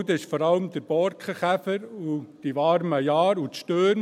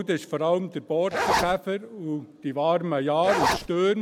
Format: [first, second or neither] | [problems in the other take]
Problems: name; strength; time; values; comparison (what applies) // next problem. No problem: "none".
first | background sound (Zipper (clothing)); as loud as the speech